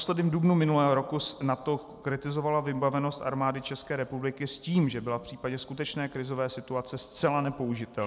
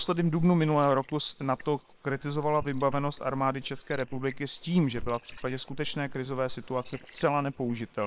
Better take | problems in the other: first | noise reduction (neural separator model SepFormer WHAM!)

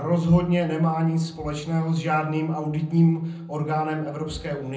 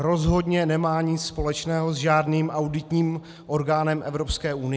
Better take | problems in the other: second | room echo; dies away in 0.6 s

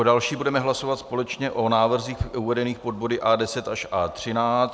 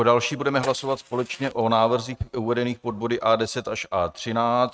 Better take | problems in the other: first | noise reduction (neural mask model RNNoise)

